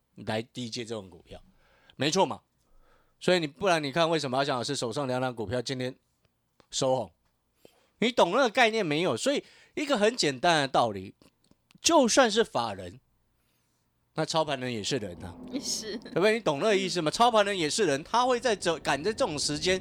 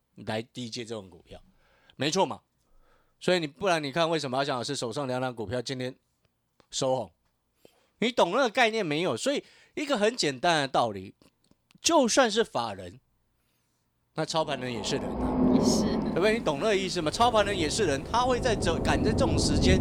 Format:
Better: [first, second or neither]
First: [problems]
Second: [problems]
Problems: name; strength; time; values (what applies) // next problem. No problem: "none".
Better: first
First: rain or running water; faint; from 15 s on; 25 dB below the speech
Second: rain or running water; loud; from 15 s on; 2 dB below the speech